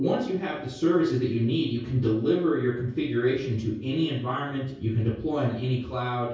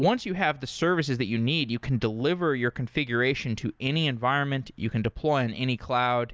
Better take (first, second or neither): second